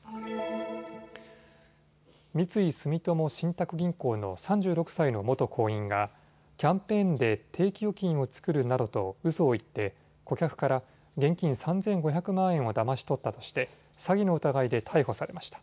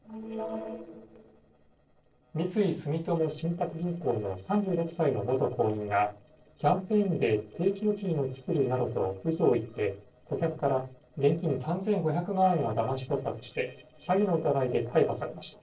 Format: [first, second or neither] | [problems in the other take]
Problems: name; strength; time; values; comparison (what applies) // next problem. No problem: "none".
first | noise reduction (neural separator model SepFormer DNS4)